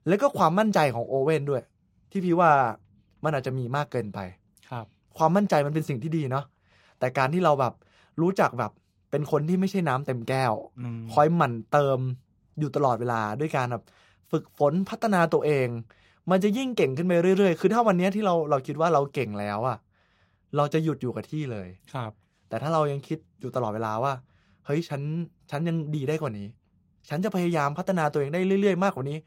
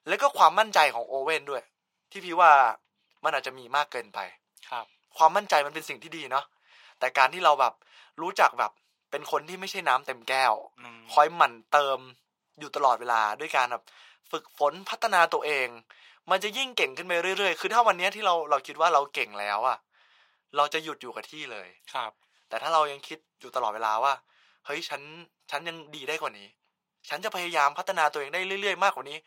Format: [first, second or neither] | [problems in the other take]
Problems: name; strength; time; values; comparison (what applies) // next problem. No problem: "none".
first | thin; very; fading below 800 Hz